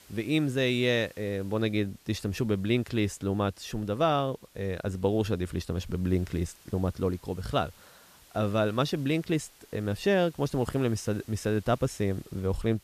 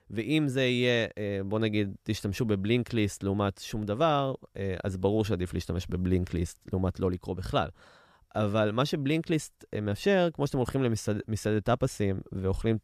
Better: second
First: hiss; faint; throughout; 25 dB below the speech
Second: none

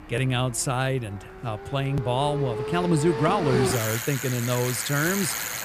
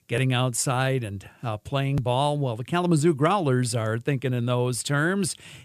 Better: second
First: traffic noise; loud; throughout; 4 dB below the speech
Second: none

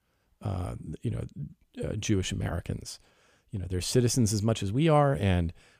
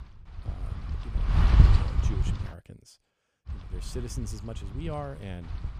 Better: first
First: none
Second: wind noise on the microphone; heavy; until 2.5 s and from 3.5 s on; 4 dB above the speech

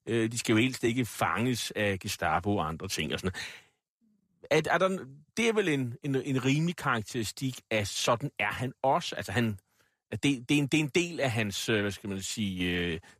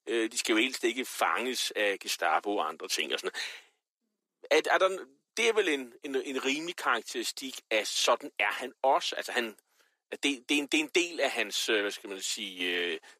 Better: first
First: none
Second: thin; somewhat; fading below 300 Hz

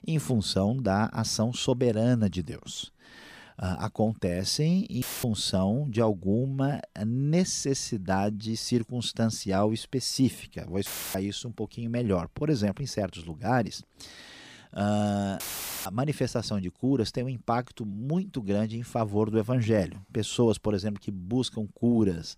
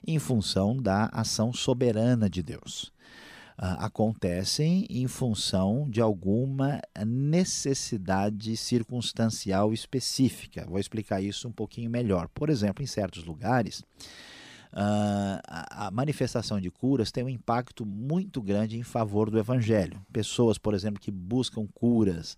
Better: second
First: audio cutting out; filled with static; at 5 s, at 11 s and at 15 s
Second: none

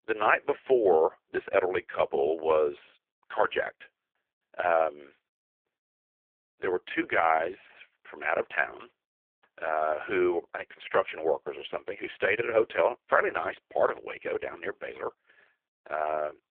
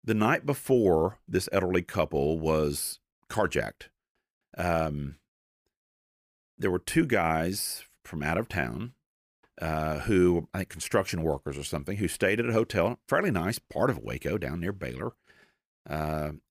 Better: second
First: phone-call audio; poor line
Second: none

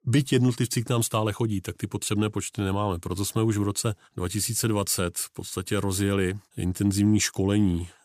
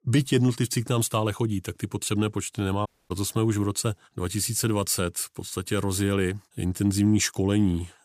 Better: first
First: none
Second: audio cutting out; at 3 s

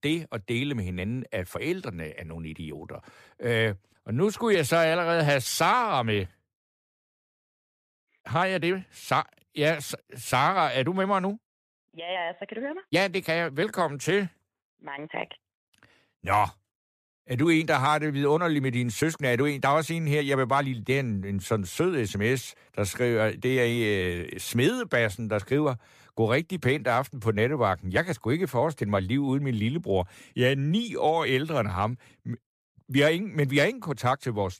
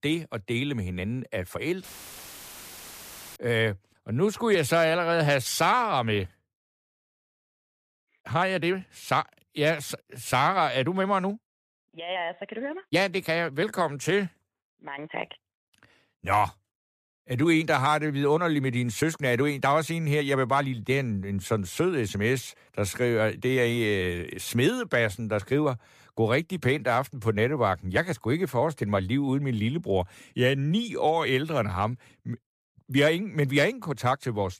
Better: first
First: none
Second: audio cutting out; filled with static; at 2 s for 1.5 s

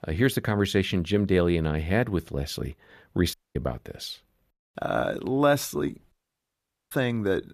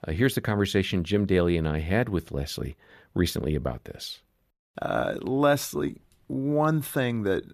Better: second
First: audio cutting out; at 3.5 s and at 6 s for 1 s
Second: none

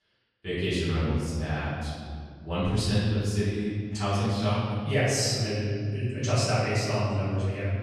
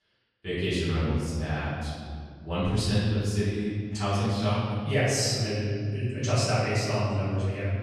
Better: neither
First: room echo; strong; dies away in 2.3 s // off-mic speech; far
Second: room echo; strong; dies away in 2.3 s // off-mic speech; far

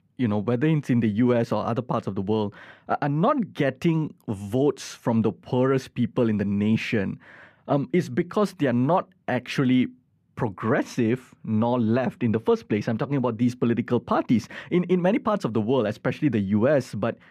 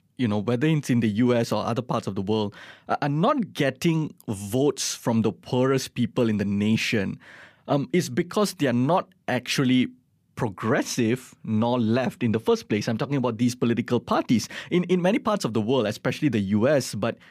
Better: second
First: muffled; slightly; fading above 3 kHz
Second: none

